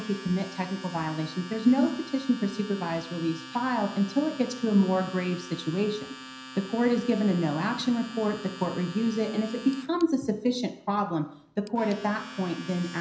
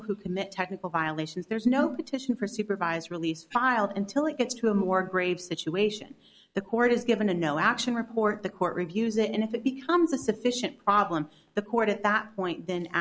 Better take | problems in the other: second | background sound (Domestic sounds, home sounds); 15 dB below the speech // room echo; dies away in 0.5 s

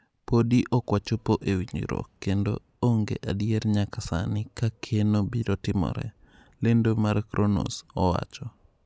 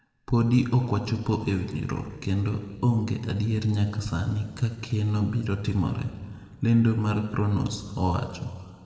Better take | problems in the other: first | room echo; dies away in 1.8 s

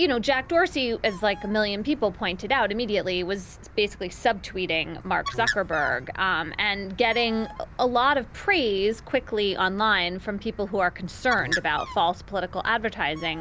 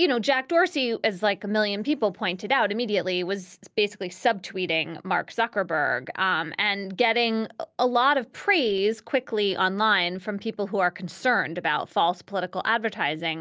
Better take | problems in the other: second | background sound (Bird); 14 dB below the speech

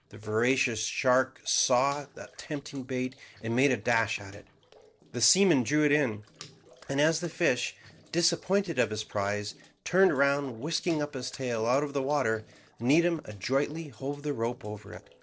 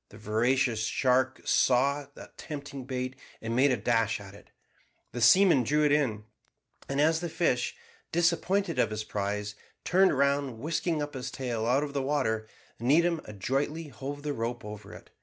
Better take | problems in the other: second | noise reduction (neural separator model SepFormer DNS4)

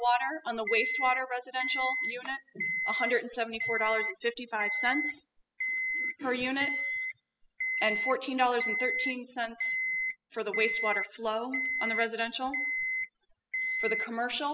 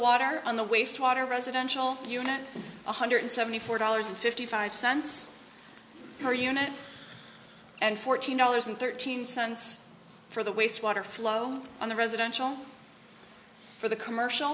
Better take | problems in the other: second | noise reduction (classical method spectral subtraction)

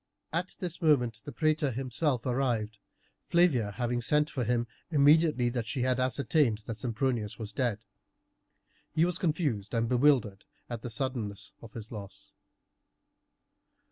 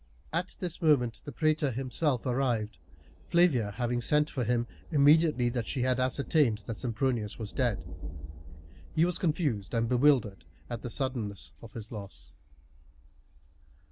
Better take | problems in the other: first | background sound (Thunder); 15 dB below the speech

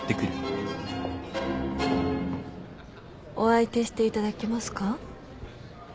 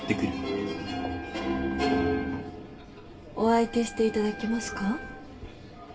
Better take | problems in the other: first | background sound (Wind instrument, woodwind instrument); 14 dB below the speech // room echo; dies away in 0.2 s

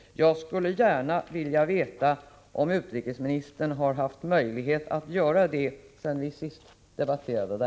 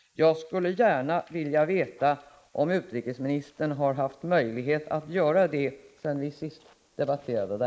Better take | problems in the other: first | noise reduction (neural mask model Resemble Enhance denoiser)

